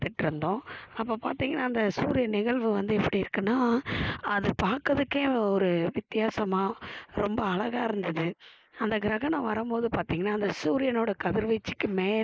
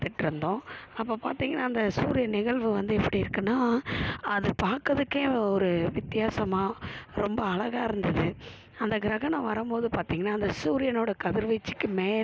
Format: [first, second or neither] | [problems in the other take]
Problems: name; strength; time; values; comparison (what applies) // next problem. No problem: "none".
second | noise reduction (neural mask model Resemble Enhance denoiser)